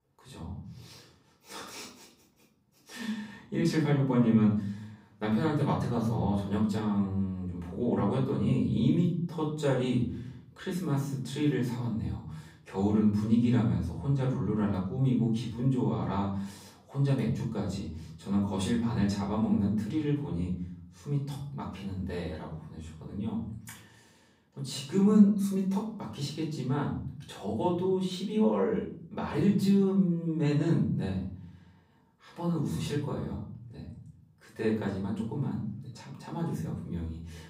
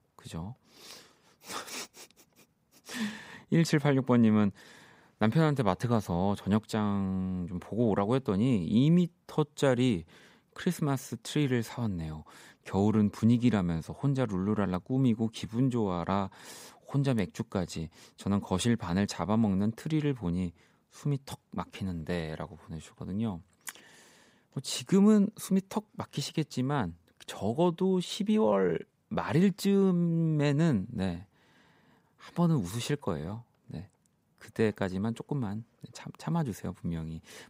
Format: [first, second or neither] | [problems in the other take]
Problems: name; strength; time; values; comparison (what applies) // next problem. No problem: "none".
second | off-mic speech; far // room echo; noticeable; dies away in 0.8 s